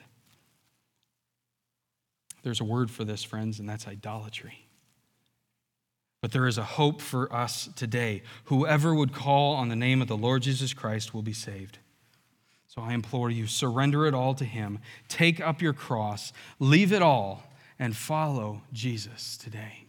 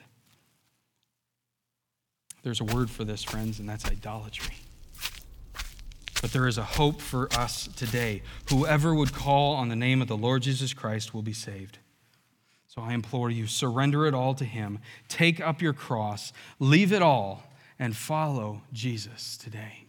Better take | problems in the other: first | footsteps; noticeable; from 2.5 to 9.5 s; peak 4 dB below the speech

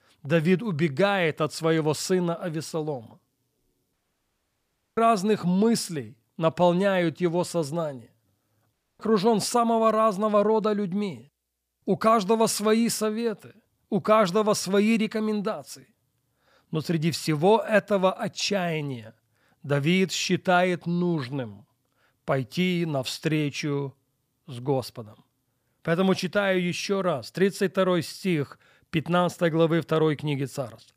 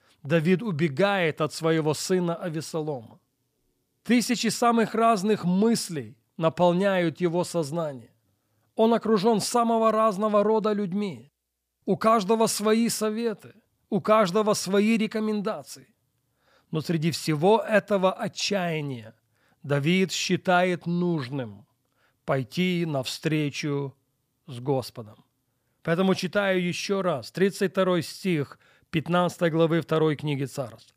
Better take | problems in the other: second | audio cutting out; at 4 s for 1 s and at 8.5 s

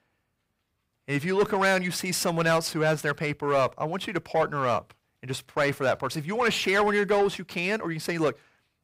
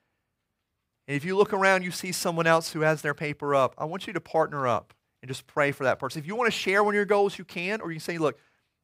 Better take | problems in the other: second | distortion; slight; 10 dB below the speech

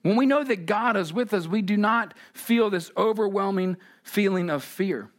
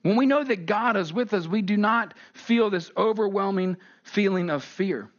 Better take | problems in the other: first | garbled, watery; slightly; nothing above 6.5 kHz

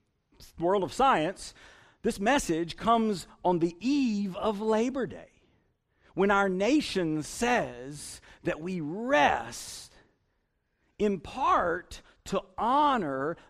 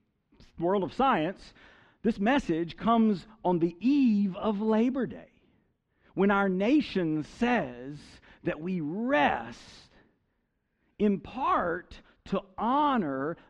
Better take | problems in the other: first | muffled; slightly; fading above 3 kHz

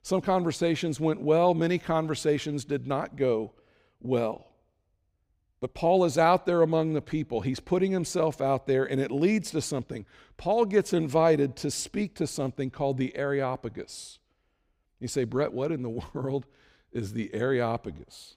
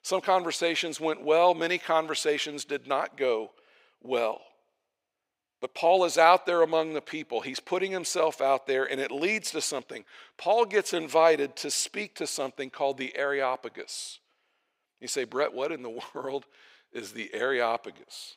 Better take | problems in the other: first | thin; somewhat; fading below 550 Hz

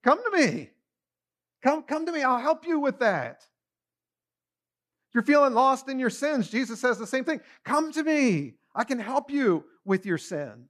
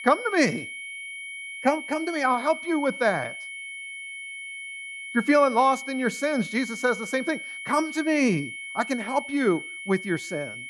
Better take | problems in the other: first | high-pitched whine; loud; throughout; 2 kHz, 9 dB below the speech

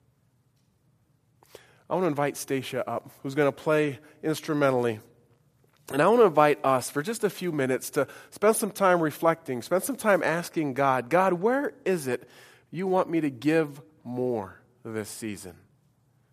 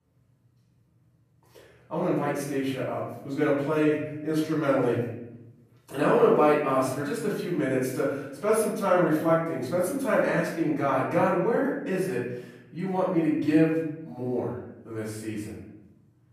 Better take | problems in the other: first | off-mic speech; far // room echo; noticeable; dies away in 1 s

